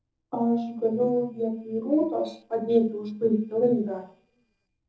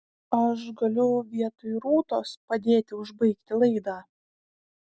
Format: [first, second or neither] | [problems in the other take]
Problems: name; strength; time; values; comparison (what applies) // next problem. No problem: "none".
second | noise reduction (neural separator model SepFormer DNS4)